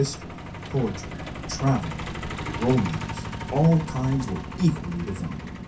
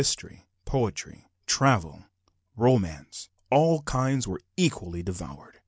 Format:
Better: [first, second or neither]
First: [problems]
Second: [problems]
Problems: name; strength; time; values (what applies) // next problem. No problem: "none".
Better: second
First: background sound (Truck); 7 dB below the speech // room echo; dies away in 0.3 s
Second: none